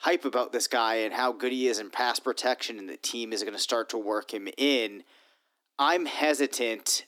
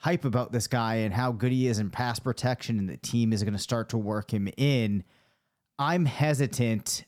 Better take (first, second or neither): second